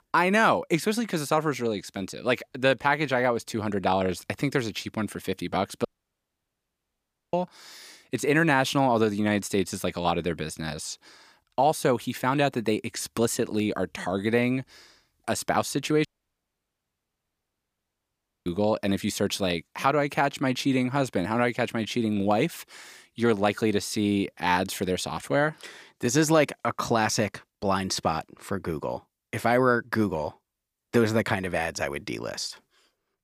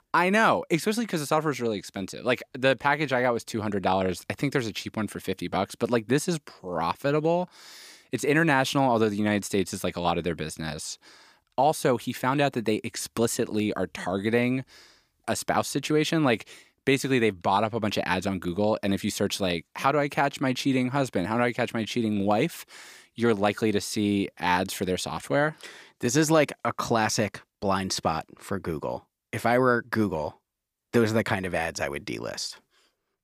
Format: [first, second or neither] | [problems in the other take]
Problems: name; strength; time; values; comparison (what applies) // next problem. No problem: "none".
second | audio cutting out; at 6 s for 1.5 s and at 16 s for 2.5 s